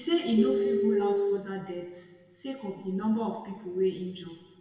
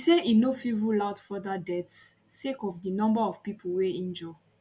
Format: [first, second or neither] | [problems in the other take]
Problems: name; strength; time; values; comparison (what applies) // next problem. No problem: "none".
second | background sound (Telephone); 5 dB above the speech // room echo; dies away in 1.3 s